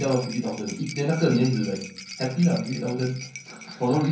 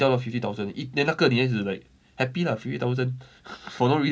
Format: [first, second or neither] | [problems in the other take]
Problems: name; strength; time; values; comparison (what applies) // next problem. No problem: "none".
second | background sound (Rattle); 16 dB below the speech // room echo; dies away in 0.6 s